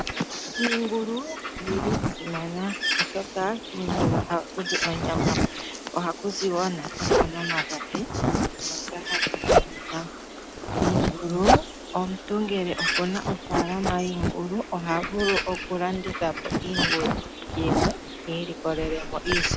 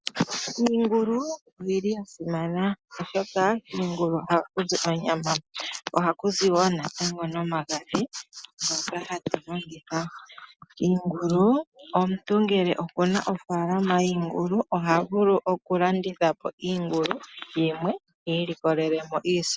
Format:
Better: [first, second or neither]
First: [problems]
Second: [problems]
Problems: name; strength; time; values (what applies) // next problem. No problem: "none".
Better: second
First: background sound (Zipper (clothing) + Bird); 2 dB above the speech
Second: none